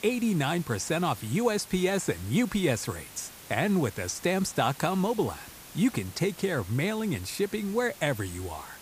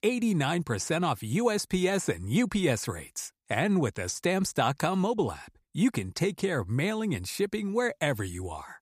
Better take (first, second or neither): second